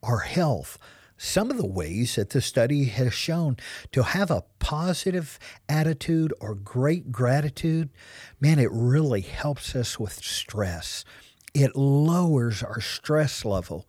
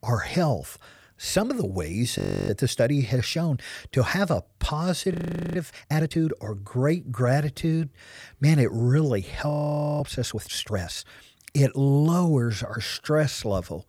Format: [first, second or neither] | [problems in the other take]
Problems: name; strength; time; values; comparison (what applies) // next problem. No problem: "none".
first | audio freezing; at 2 s, at 5 s and at 9.5 s for 0.5 s